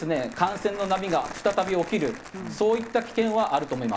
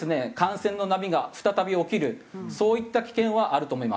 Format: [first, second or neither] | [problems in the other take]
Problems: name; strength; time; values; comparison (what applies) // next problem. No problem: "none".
second | background sound (Crumpling, crinkling); 15 dB below the speech